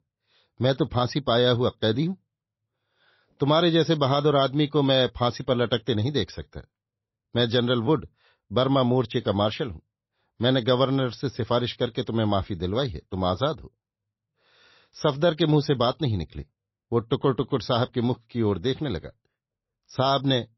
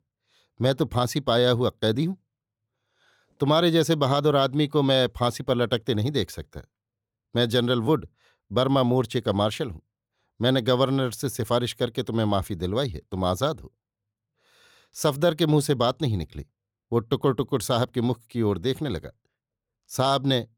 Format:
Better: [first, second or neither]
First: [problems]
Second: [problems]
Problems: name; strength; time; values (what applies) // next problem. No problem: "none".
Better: second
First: garbled, watery; slightly; nothing above 5.5 kHz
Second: none